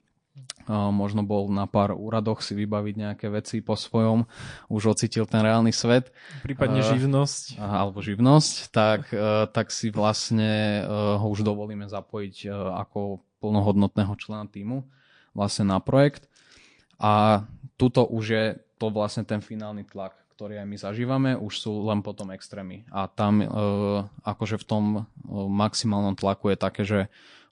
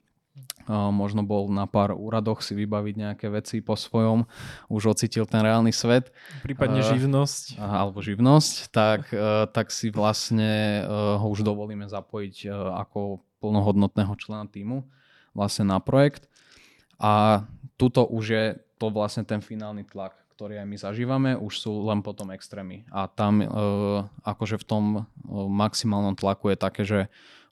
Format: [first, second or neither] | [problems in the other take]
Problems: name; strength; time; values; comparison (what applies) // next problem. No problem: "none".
second | garbled, watery; slightly; nothing above 8.5 kHz